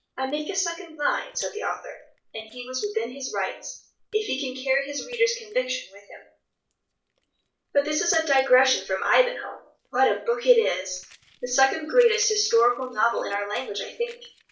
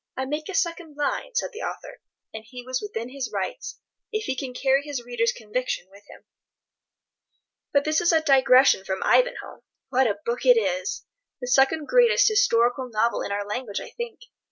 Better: second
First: noise reduction (neural separator model SepFormer DNS4)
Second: none

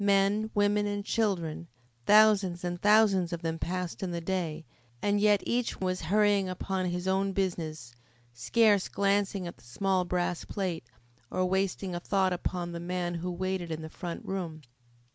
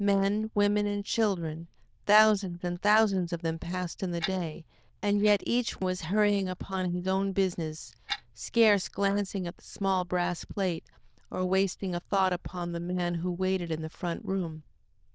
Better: first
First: none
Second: noise reduction (neural diffusion model UNIVERSE++)

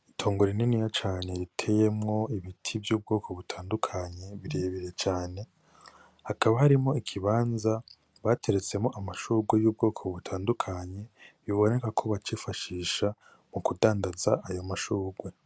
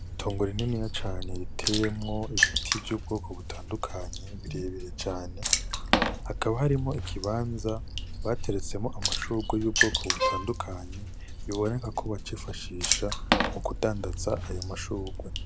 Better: first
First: none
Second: background sound (Bowed string instrument + Water / Splash, splatter); 1 dB above the speech

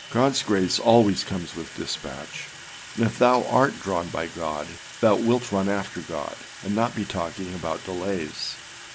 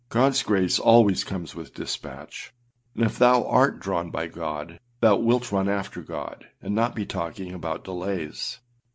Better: second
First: background sound (Sink (filling or washing) / Water tap, faucet); 16 dB below the speech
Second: none

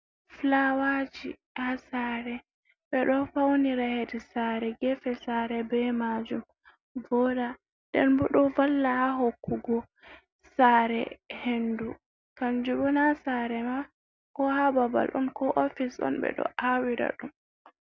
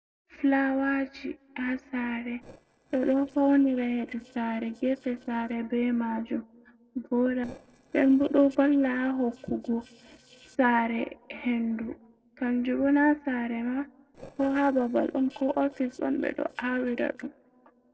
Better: first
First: none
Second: noise reduction (neural separator model SepFormer DNS4)

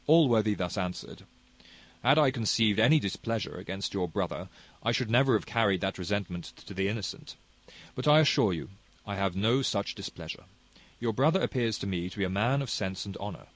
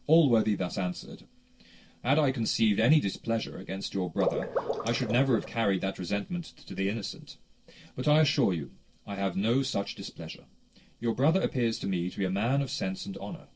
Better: first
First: none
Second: noise reduction (neural separator model SepFormer DNS4)

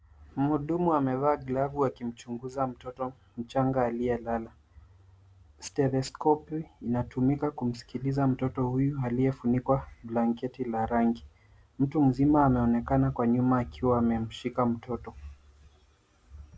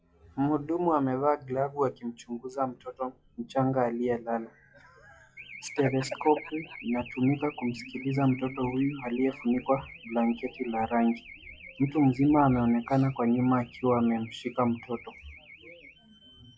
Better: first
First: none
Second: noise reduction (classical method log-MMSE)

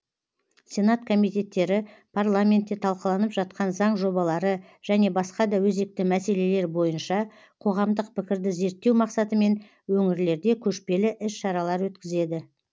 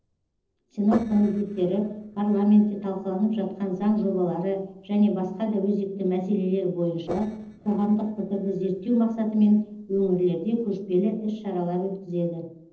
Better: first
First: none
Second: noise reduction (neural separator model SepFormer DNS4)

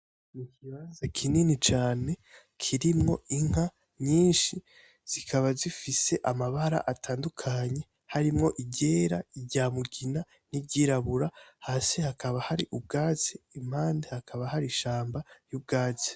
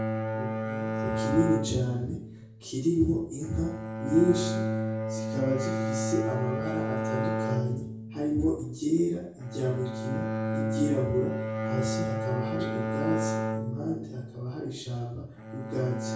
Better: first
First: none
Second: background sound (Bowed string instrument); 2 dB below the speech // room echo; dies away in 0.6 s

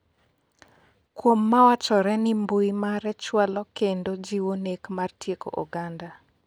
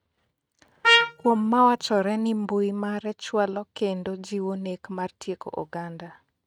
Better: first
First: none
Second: noise reduction (neural mask model RNNoise)

